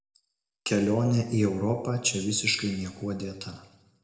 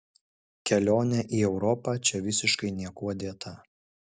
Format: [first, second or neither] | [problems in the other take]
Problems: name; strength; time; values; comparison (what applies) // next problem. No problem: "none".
second | room echo; dies away in 0.8 s